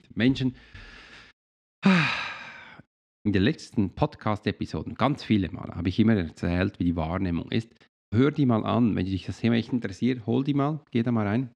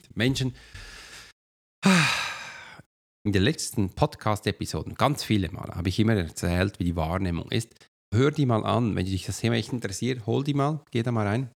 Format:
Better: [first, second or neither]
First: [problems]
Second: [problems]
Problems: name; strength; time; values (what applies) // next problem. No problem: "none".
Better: second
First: muffled; very slightly; fading above 3 kHz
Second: none